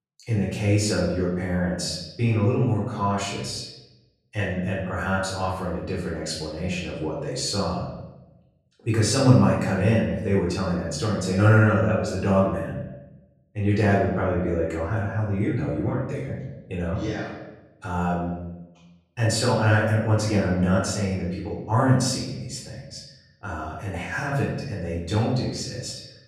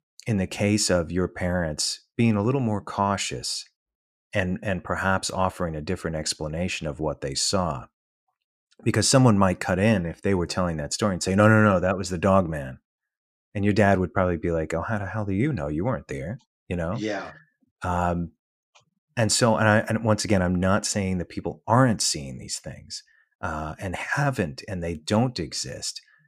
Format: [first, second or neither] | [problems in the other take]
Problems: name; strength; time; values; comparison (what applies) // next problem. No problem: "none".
second | off-mic speech; far // room echo; noticeable; dies away in 0.9 s